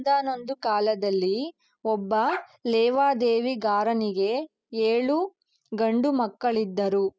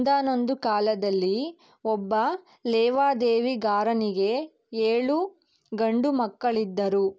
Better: second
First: noise reduction (classical method spectral subtraction)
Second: none

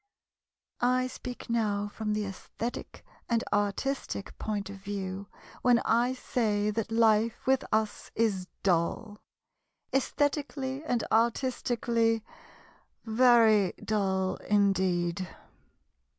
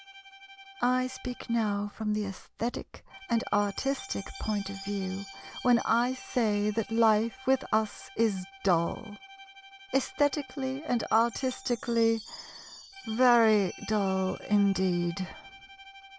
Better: first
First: none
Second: background sound (Bowed string instrument + Chime); 18 dB below the speech

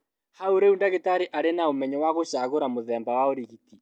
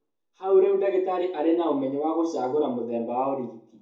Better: first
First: none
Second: room echo; dies away in 0.6 s

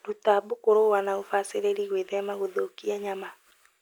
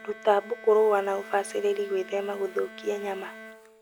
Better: first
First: none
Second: background sound (Bowed string instrument); 18 dB below the speech

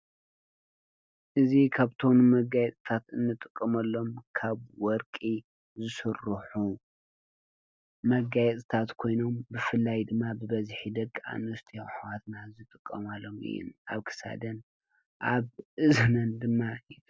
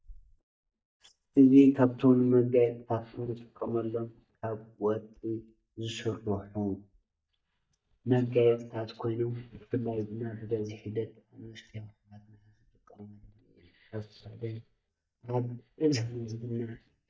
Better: first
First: none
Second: noise reduction (neural mask model DeepFilterNet 3)

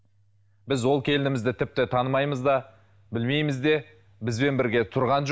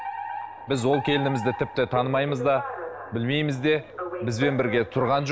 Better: first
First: none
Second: background sound (Alarm); 9 dB below the speech

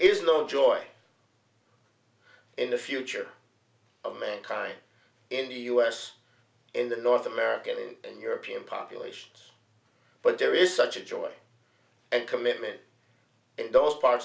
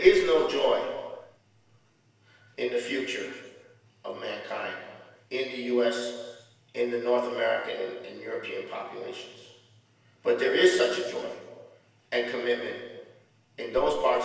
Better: first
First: none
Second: room echo; dies away in 1.2 s

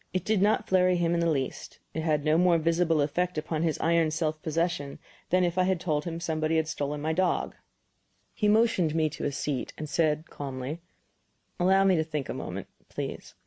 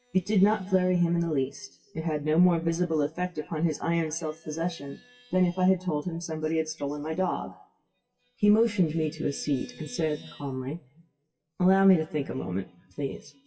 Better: first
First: none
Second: noise reduction (classical method WPE with log-MMSE)

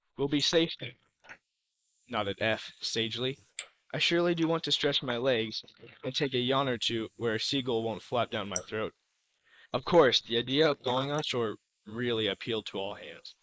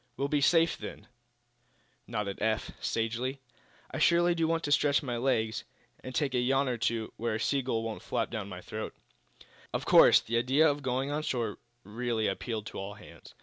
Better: second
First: noise reduction (neural mask model Resemble Enhance denoiser)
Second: none

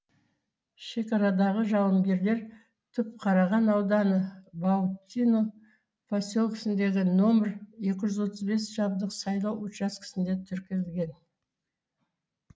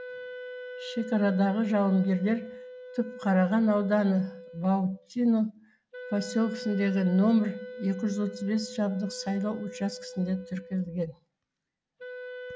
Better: first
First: none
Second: background sound (Wind instrument, woodwind instrument); 14 dB below the speech

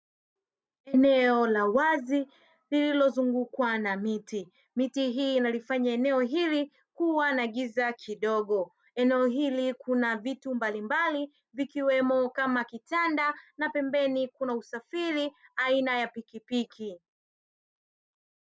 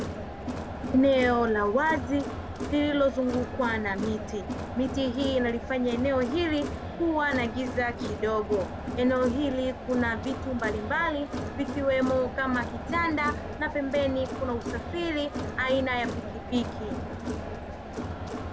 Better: first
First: none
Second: background sound (Crowd); 6 dB below the speech

